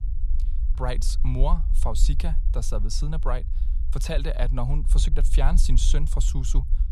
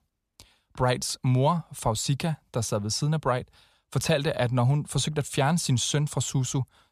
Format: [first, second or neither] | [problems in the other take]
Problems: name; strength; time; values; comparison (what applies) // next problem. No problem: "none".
second | low rumble; noticeable; throughout; 15 dB below the speech